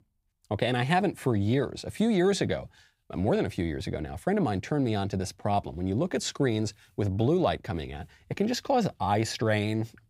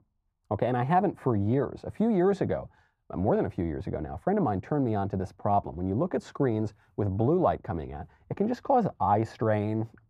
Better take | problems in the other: first | muffled; very; fading above 2 kHz

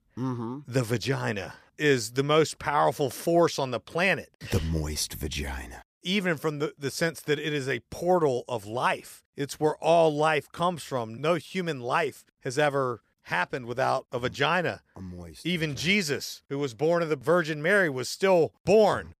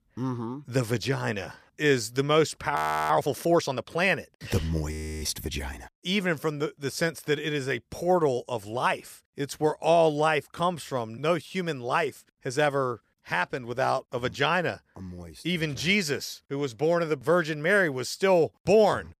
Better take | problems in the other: first | audio freezing; at 3 s and at 5 s

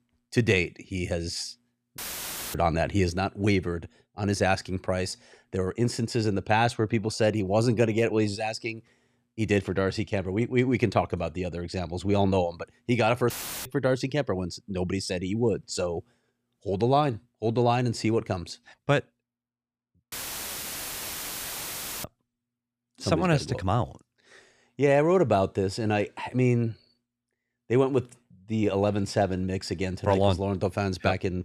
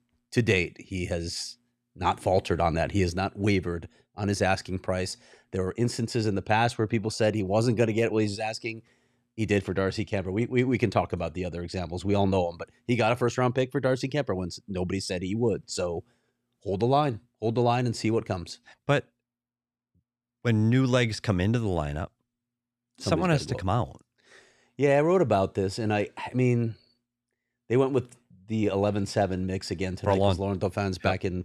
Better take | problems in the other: second | audio cutting out; filled with static; at 2 s for 0.5 s, at 13 s and at 20 s for 2 s

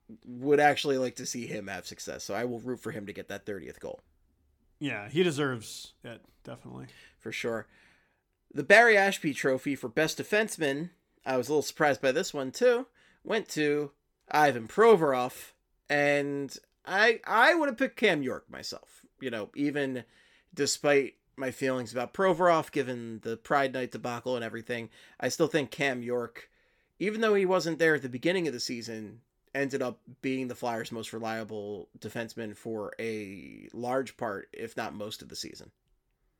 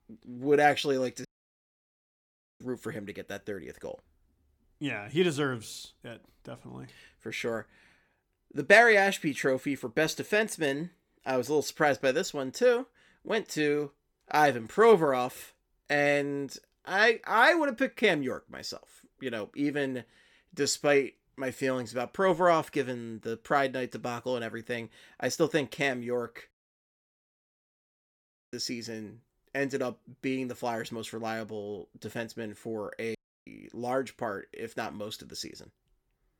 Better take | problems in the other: first | audio cutting out; at 1.5 s for 1.5 s, at 27 s for 2 s and at 33 s

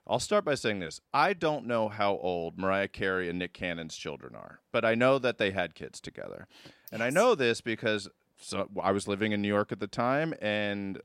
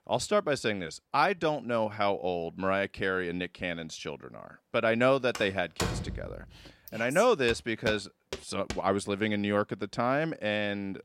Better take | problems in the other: first | door banging; noticeable; from 5.5 to 6.5 s; peak 3 dB below the speech // footsteps; faint; from 7.5 to 9 s; peak 10 dB below the speech

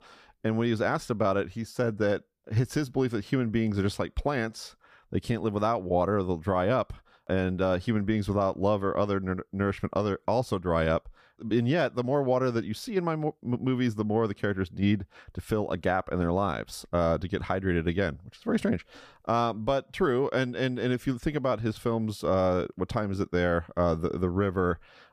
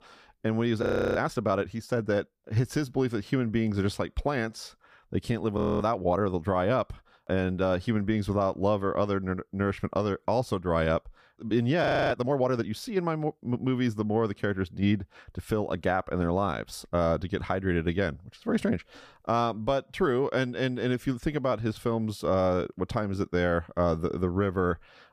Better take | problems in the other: first | audio freezing; at 1 s, at 5.5 s and at 12 s

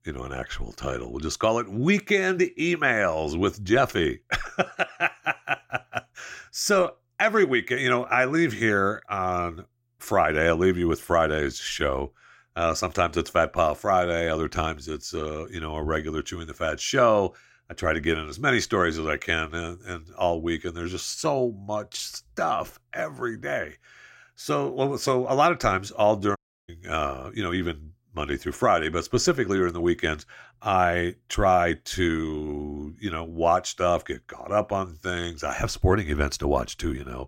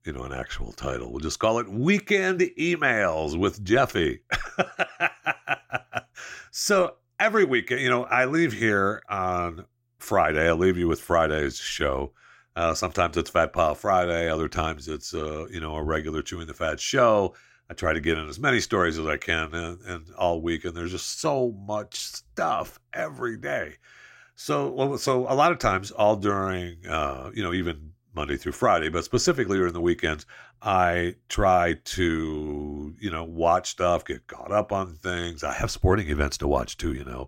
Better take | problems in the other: second | audio cutting out; at 26 s

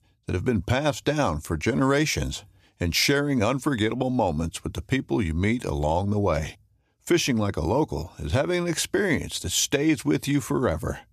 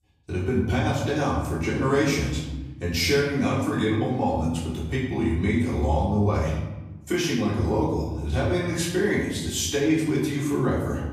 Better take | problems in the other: first | off-mic speech; far // room echo; noticeable; dies away in 1.2 s

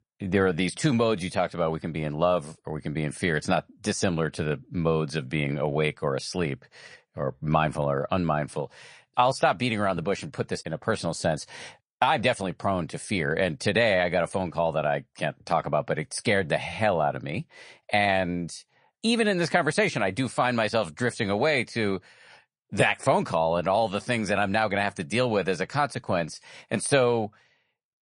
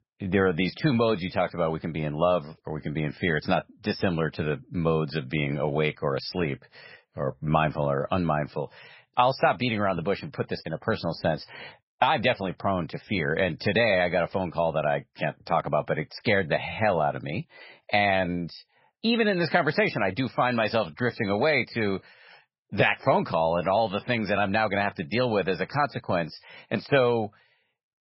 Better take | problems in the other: first | garbled, watery; badly; nothing above 5.5 kHz; slightly in the first

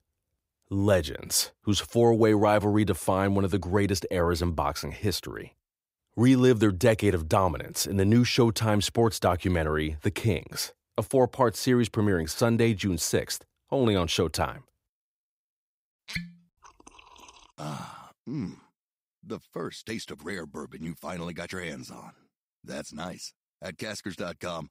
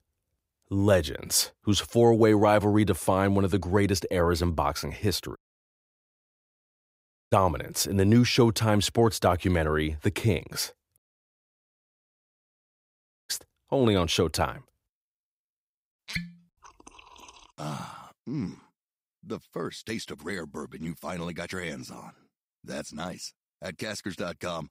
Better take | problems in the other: first | audio cutting out; at 5.5 s for 2 s and at 11 s for 2.5 s

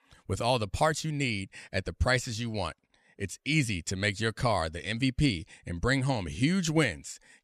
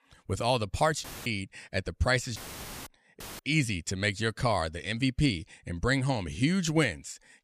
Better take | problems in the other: first | audio cutting out; filled with static; at 1 s, at 2.5 s for 0.5 s and at 3 s

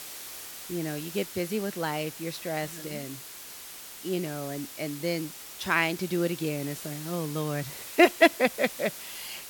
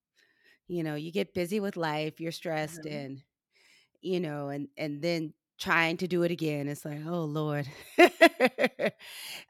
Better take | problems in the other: second | hiss; noticeable; throughout; 10 dB below the speech

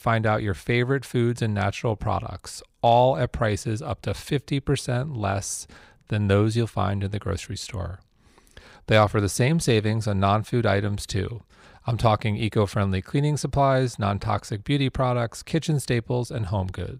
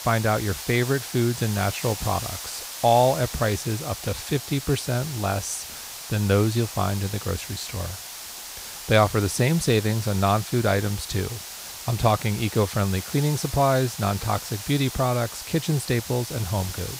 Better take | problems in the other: first | hiss; loud; throughout; 9 dB below the speech

